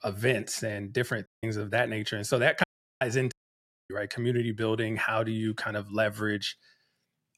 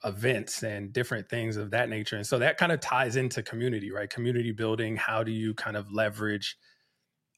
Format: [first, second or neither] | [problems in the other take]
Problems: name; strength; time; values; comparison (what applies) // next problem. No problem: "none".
second | audio cutting out; at 1.5 s, at 2.5 s and at 3.5 s for 0.5 s